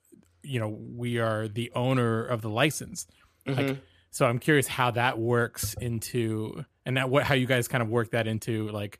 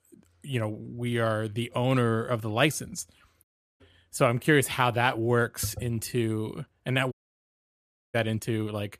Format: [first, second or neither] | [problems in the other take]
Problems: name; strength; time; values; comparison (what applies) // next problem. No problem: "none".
first | audio cutting out; at 3.5 s and at 7 s for 1 s